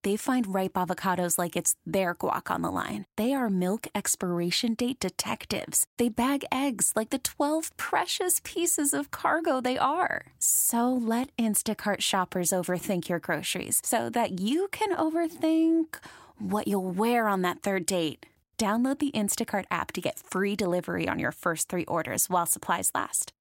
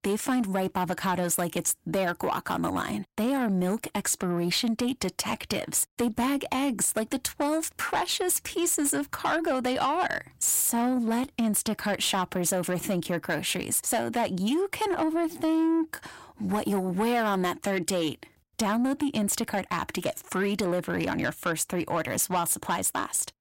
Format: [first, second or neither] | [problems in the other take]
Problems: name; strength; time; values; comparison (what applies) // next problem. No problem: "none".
first | distortion; slight; 10 dB below the speech